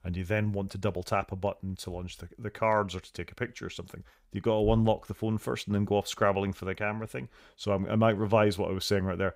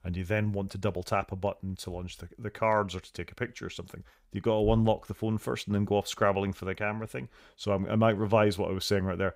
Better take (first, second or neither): neither